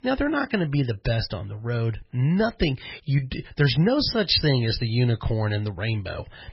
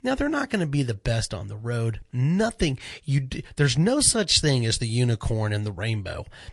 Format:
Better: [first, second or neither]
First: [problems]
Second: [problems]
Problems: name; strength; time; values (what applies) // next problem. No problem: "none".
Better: second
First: garbled, watery; badly; nothing above 5.5 kHz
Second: garbled, watery; slightly; nothing above 9.5 kHz